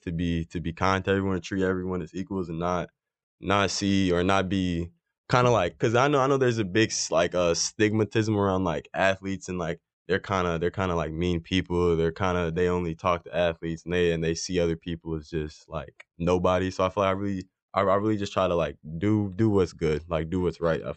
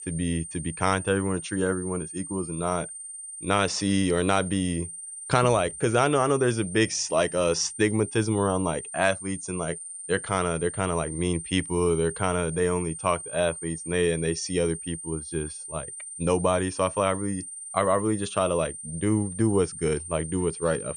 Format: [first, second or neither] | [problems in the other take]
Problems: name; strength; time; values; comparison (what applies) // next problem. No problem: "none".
first | high-pitched whine; loud; throughout; 9 kHz, 10 dB below the speech